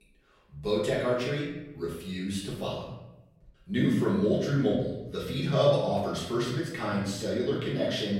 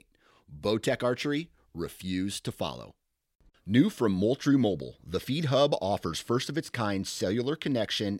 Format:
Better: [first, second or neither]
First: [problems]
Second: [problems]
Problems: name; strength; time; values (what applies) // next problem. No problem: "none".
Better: second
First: room echo; noticeable; dies away in 0.8 s // off-mic speech; far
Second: none